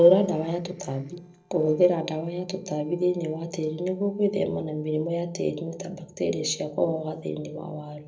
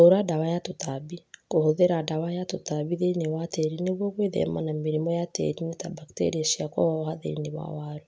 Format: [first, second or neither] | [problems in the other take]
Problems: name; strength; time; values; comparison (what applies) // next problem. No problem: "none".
second | noise reduction (neural separator model SepFormer DNS4)